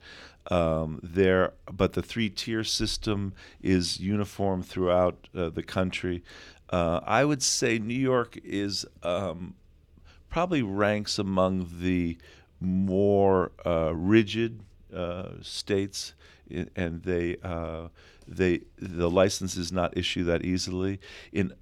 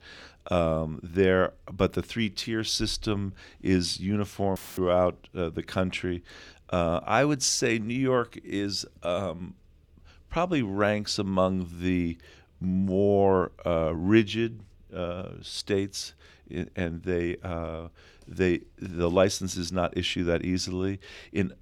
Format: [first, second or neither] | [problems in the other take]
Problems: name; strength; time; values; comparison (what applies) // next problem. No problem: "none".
first | audio cutting out; filled with static; at 4.5 s